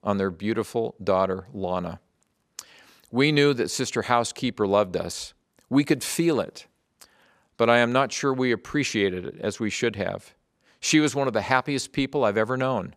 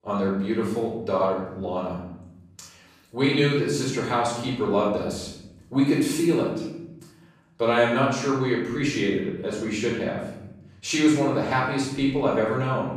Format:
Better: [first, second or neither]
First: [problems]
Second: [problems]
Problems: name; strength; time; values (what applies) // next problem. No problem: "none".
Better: first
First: none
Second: off-mic speech; far // room echo; noticeable; dies away in 1 s